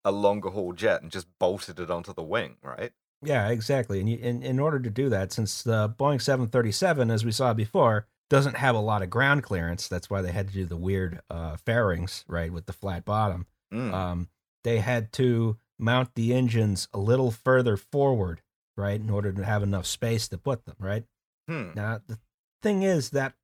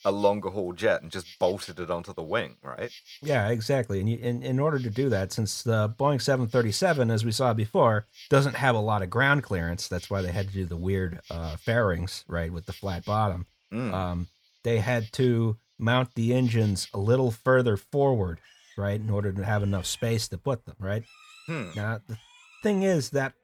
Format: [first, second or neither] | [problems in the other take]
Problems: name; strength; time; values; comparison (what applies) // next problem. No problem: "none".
first | animal sounds; faint; throughout; 25 dB below the speech